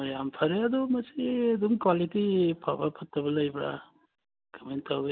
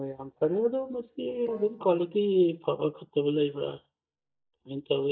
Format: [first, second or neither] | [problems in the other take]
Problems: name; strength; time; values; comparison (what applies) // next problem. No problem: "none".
first | noise reduction (neural mask model DeepFilterNet 3)